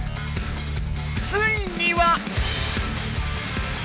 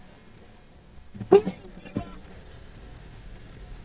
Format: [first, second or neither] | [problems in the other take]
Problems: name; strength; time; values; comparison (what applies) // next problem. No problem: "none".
first | noise reduction (neural mask model DeepFilterNet 3)